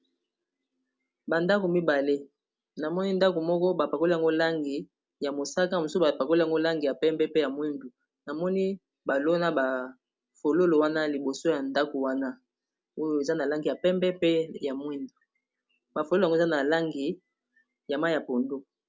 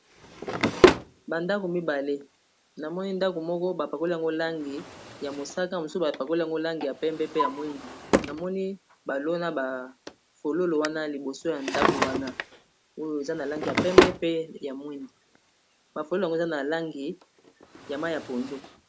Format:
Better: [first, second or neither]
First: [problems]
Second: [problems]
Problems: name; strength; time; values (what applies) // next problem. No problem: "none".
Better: first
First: none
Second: background sound (Drawer open or close); as loud as the speech